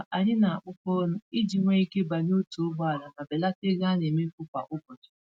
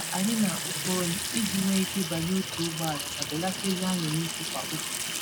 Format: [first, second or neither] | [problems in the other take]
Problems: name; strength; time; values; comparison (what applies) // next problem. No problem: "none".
first | background sound (Sink (filling or washing) / Water tap, faucet); 2 dB below the speech